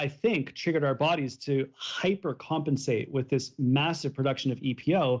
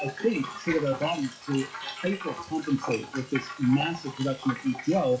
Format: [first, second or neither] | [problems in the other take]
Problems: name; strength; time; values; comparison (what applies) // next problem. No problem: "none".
first | noise reduction (classical method WPE with log-MMSE)